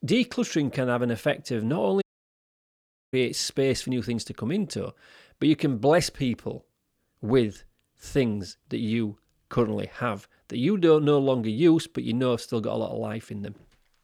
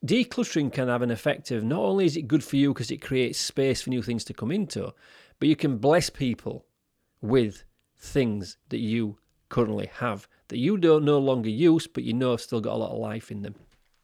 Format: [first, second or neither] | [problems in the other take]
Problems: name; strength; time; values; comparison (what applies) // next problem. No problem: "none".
second | audio cutting out; at 2 s for 1 s